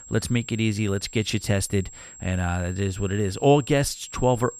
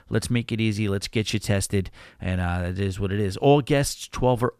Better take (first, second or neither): second